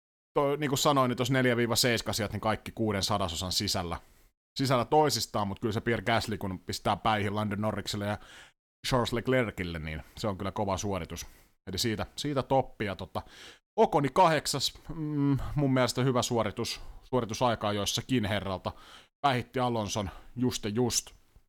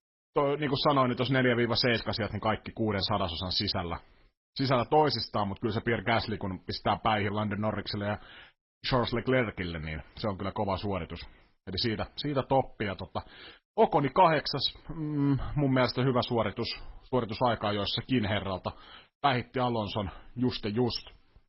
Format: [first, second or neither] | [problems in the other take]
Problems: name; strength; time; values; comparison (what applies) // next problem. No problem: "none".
first | garbled, watery; badly; nothing above 5.5 kHz